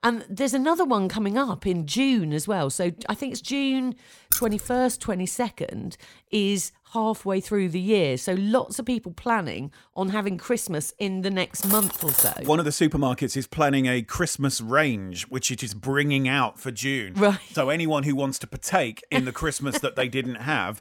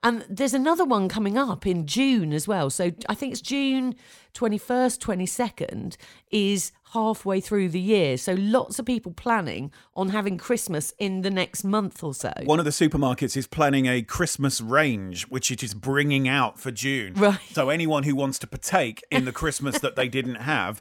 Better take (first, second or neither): second